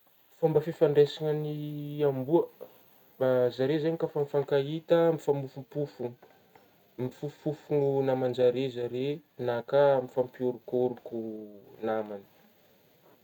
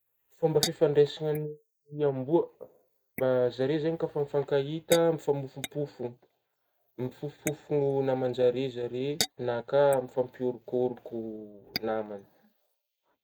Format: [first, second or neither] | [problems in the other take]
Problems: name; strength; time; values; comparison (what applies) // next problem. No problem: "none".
first | noise reduction (neural mask model Resemble Enhance denoiser)